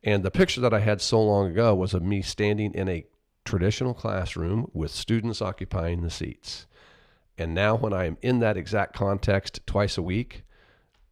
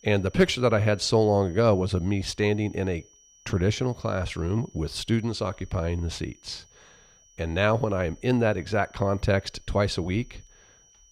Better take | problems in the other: first | high-pitched whine; faint; throughout; 6 kHz, 30 dB below the speech

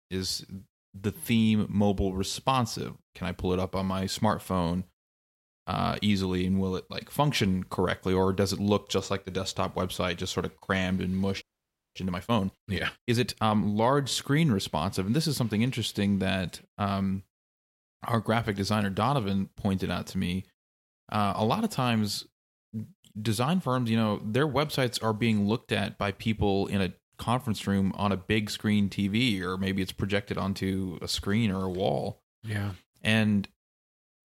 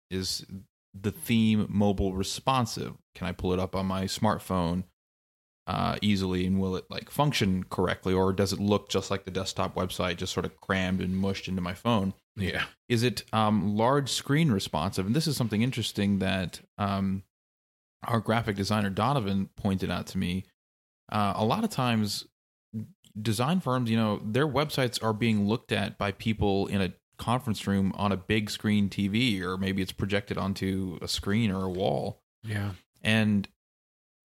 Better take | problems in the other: second | audio freezing; at 11 s for 0.5 s

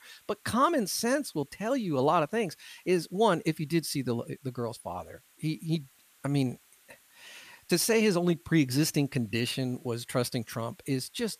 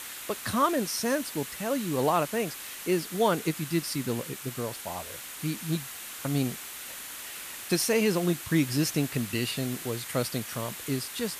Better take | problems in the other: first | hiss; loud; throughout; 8 dB below the speech; faint in the first

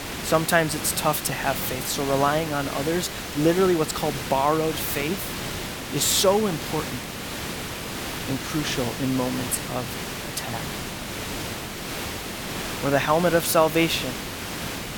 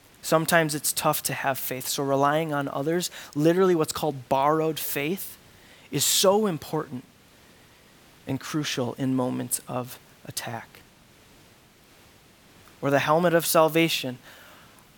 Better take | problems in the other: second | hiss; loud; throughout; 7 dB below the speech; faint in the second

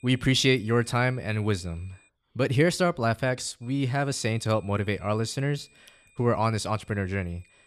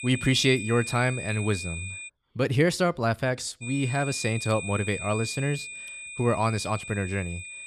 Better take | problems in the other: first | high-pitched whine; loud; until 2 s and from 3.5 s on; 2.5 kHz, 9 dB below the speech; faint in the first

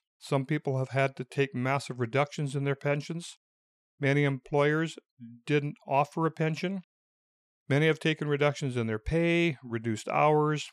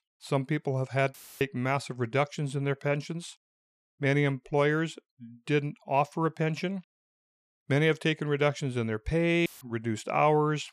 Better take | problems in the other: first | audio cutting out; filled with static; at 1 s and at 9.5 s

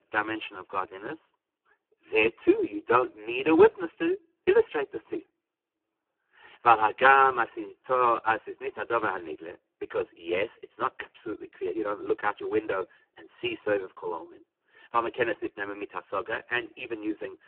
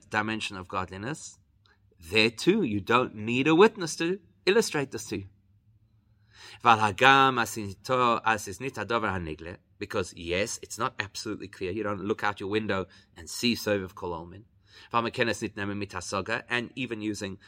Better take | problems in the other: second | phone-call audio; poor line

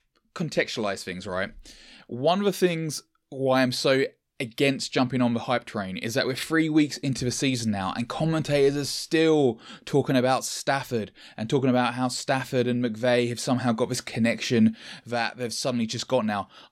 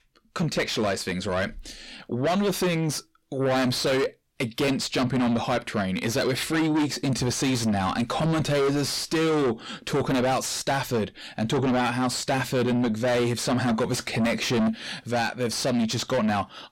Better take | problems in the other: first | distortion; heavy; 6 dB below the speech

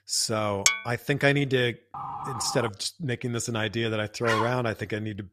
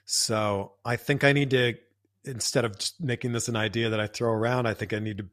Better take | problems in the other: second | clattering dishes; loud; at 0.5 s; peak 4 dB above the speech // siren; noticeable; at 2 s; peak 7 dB below the speech // dog barking; noticeable; at 4 s; peak 1 dB below the speech

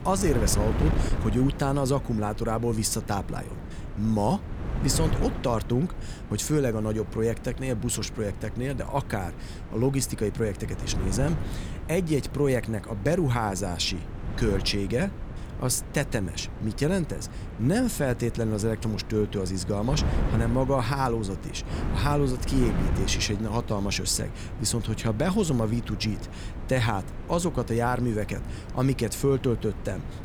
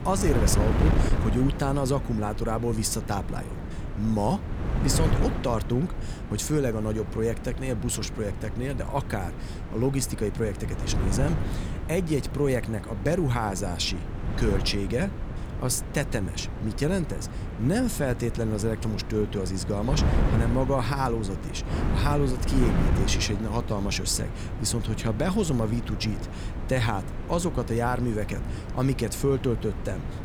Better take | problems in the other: first | wind noise on the microphone; heavy; 8 dB below the speech; occasional gusts in the first

